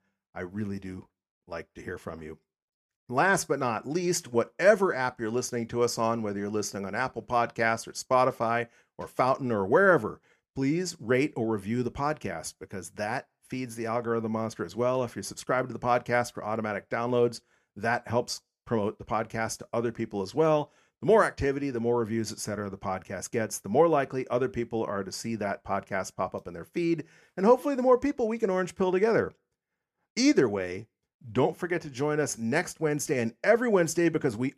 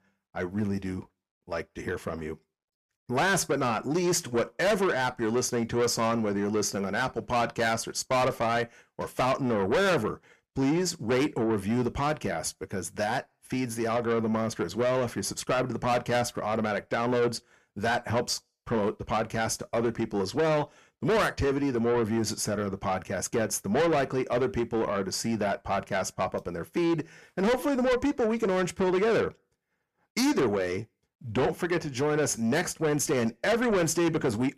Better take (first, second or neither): first